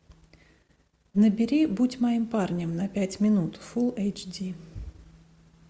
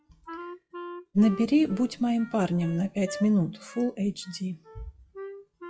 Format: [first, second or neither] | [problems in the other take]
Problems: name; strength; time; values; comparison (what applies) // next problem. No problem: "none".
first | noise reduction (classical method WPE with log-MMSE)